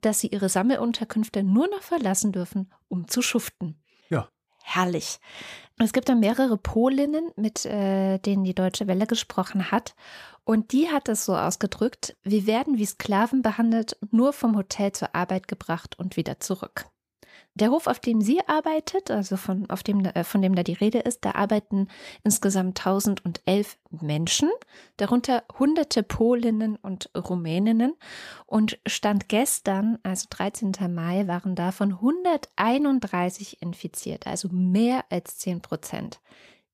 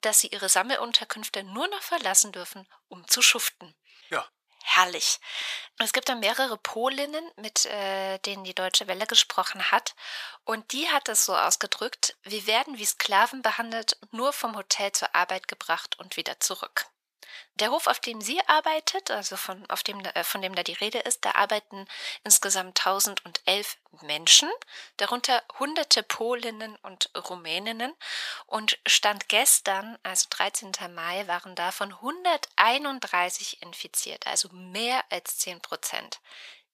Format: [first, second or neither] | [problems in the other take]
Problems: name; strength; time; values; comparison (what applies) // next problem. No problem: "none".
first | thin; very; fading below 950 Hz